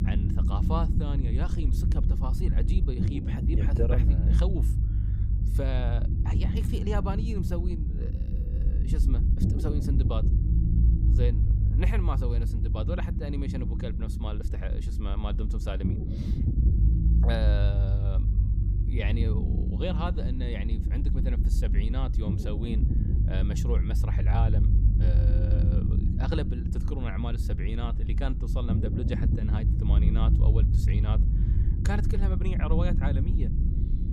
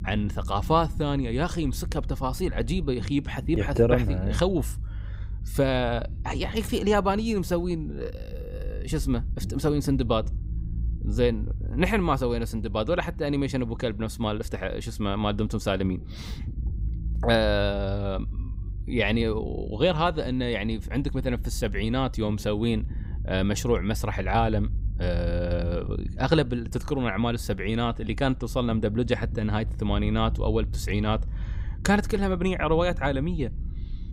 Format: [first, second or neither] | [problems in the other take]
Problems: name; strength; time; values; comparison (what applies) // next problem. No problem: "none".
second | low rumble; loud; throughout; 3 dB below the speech; faint in the second